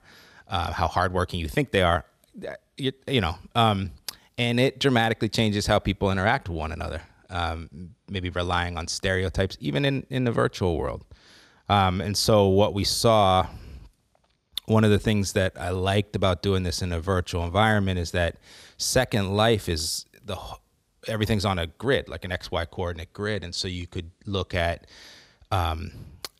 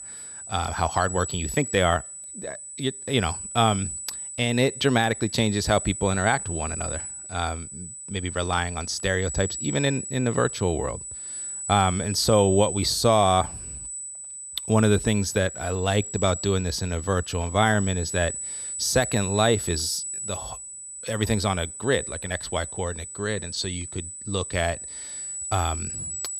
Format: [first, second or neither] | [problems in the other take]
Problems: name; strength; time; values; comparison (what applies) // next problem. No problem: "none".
first | high-pitched whine; loud; throughout; 8 kHz, 7 dB below the speech